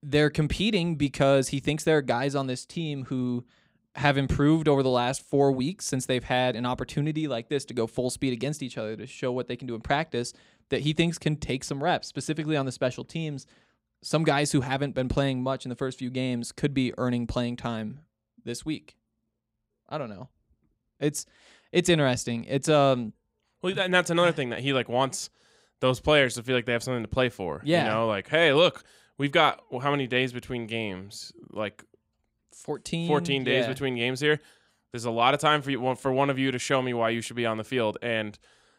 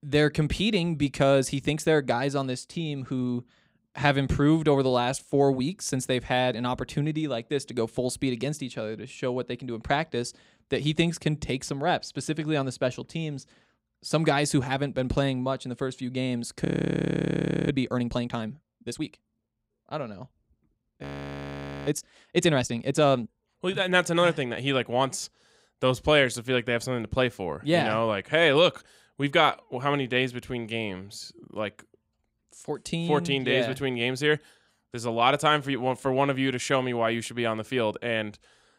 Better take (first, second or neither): first